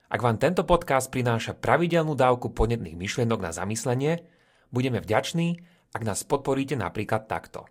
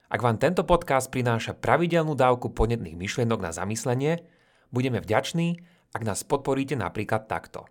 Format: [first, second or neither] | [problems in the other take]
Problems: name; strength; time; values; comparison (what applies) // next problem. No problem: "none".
second | garbled, watery; slightly; nothing above 15 kHz